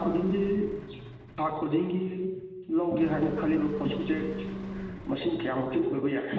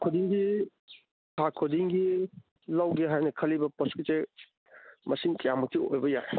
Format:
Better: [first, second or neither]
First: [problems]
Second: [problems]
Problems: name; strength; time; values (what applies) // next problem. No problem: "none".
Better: second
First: background sound (Engine); 10 dB below the speech // room echo; dies away in 1.2 s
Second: none